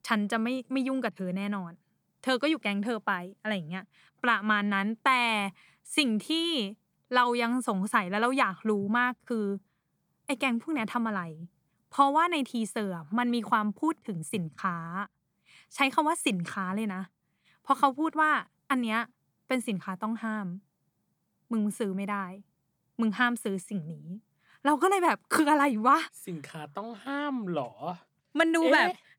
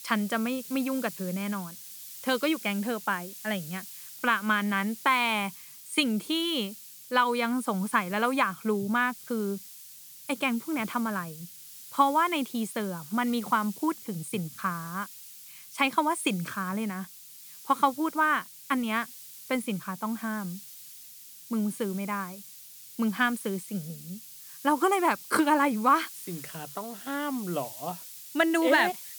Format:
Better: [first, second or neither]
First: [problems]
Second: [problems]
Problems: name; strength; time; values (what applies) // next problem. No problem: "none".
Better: first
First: none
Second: hiss; noticeable; throughout; 15 dB below the speech